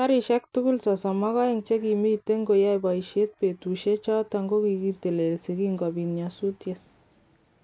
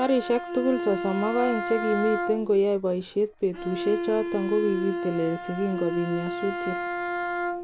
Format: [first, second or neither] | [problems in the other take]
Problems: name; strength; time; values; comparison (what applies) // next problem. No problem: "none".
first | background sound (Bowed string instrument); 5 dB below the speech